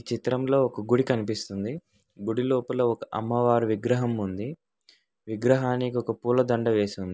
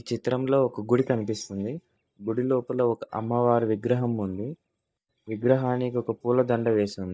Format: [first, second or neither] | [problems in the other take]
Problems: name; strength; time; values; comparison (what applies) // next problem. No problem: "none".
first | noise reduction (neural mask model DeepFilterNet 3)